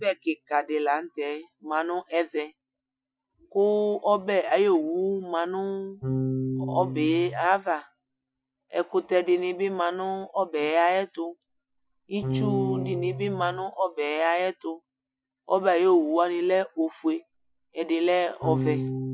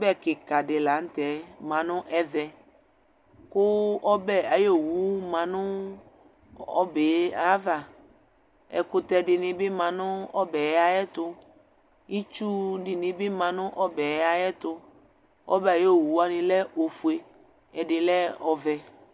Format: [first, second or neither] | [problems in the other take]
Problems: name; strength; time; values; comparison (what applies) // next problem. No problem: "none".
second | noise reduction (classical method Wiener filter)